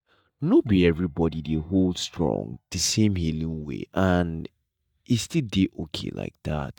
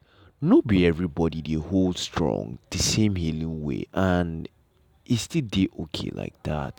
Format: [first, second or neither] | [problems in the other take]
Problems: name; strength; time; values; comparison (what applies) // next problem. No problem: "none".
second | noise reduction (neural mask model DeepFilterNet 3)